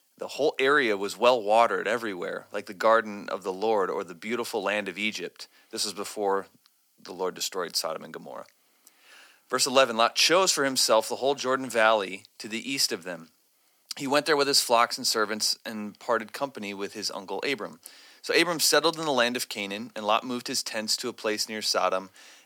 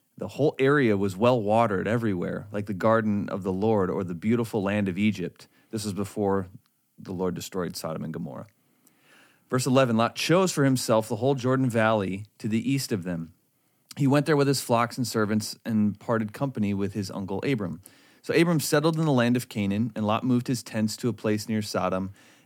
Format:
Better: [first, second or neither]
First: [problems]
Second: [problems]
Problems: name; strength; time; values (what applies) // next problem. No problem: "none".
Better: second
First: thin; somewhat; fading below 500 Hz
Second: none